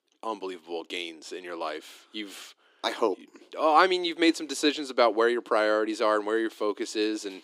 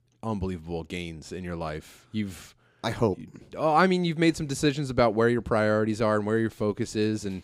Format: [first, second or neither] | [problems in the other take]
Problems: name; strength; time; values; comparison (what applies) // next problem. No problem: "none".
second | thin; somewhat; fading below 300 Hz